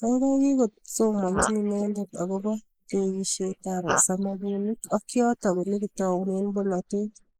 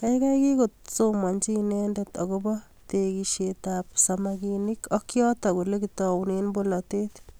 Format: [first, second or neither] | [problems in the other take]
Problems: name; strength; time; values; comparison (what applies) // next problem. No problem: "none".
second | noise reduction (neural mask model Resemble Enhance denoiser)